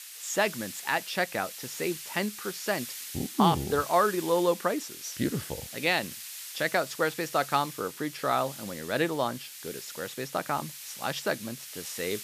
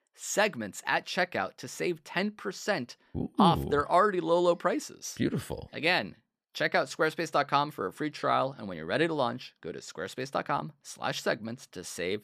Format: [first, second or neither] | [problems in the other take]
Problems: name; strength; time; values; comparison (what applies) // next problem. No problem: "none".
second | hiss; noticeable; throughout; 10 dB below the speech